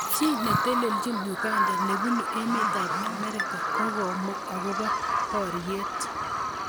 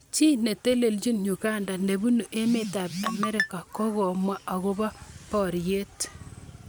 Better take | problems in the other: second | background sound (Bird vocalization, bird call, bird song); 3 dB above the speech

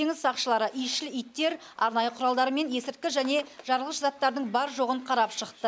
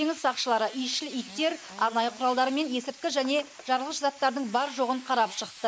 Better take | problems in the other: first | noise reduction (neural mask model Resemble Enhance denoiser)

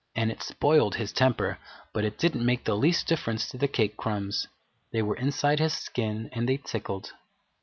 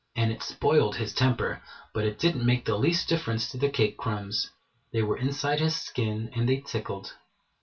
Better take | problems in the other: first | room echo; dies away in 0.2 s

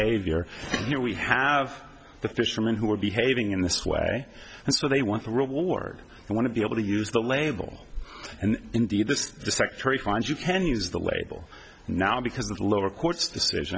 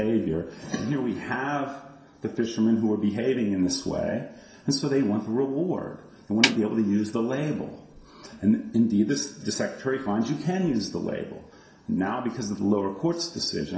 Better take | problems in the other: first | background sound (Snare drum); 2 dB below the speech // room echo; dies away in 0.7 s

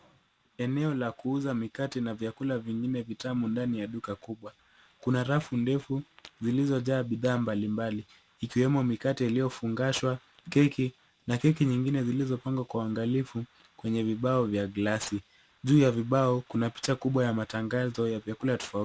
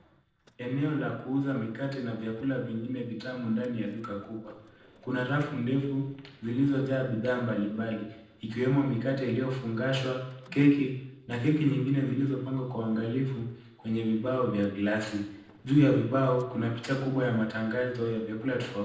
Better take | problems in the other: first | noise reduction (neural separator model SepFormer DNS4)

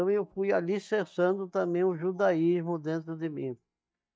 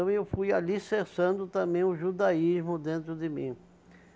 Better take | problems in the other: second | noise reduction (neural mask model DeepFilterNet 3)

